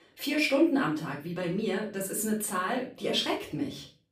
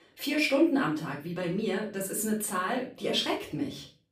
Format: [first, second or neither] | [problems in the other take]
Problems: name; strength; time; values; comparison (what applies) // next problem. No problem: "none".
neither | room echo; slight; dies away in 0.3 s; the same in both // off-mic speech; far; the same in both